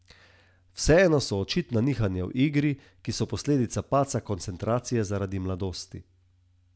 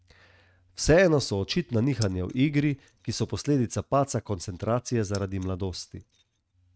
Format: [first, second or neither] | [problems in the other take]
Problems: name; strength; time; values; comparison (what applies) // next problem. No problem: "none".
first | noise reduction (neural mask model RNNoise)